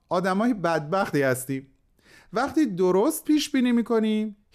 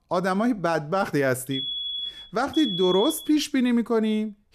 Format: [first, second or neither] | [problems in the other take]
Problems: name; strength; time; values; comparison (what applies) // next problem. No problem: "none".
first | alarm; noticeable; from 1.5 to 3.5 s; peak 3 dB below the speech